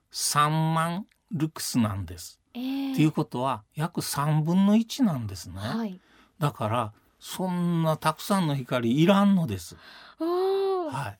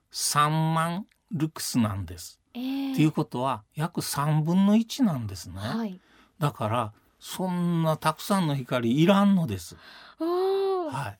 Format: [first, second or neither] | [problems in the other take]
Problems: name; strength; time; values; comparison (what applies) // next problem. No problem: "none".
neither | none